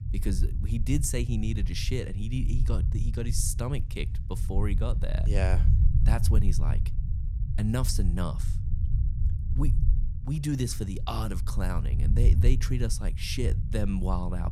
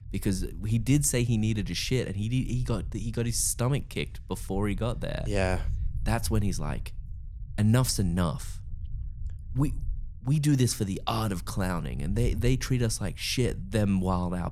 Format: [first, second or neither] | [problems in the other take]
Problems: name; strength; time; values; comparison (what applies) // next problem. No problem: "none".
second | low rumble; loud; throughout; 9 dB below the speech; faint in the second